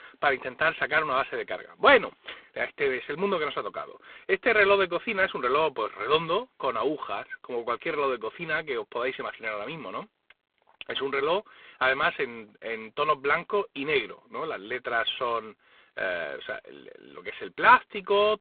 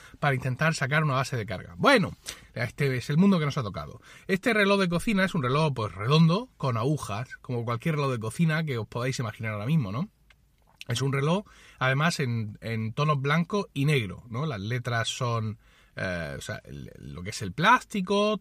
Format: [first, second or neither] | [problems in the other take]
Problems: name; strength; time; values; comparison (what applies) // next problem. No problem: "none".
second | phone-call audio; poor line